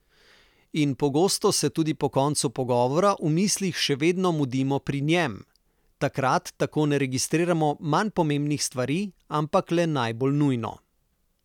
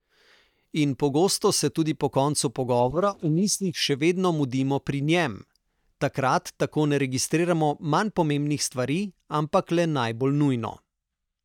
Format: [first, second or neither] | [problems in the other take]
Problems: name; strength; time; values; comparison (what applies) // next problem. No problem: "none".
first | noise reduction (neural mask model DeepFilterNet 3)